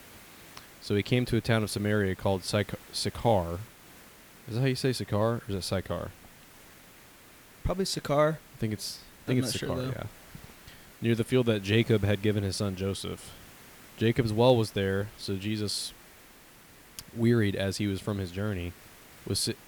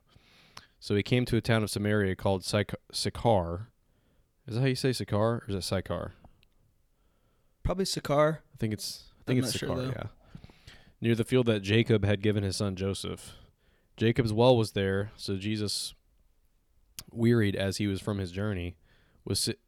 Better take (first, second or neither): second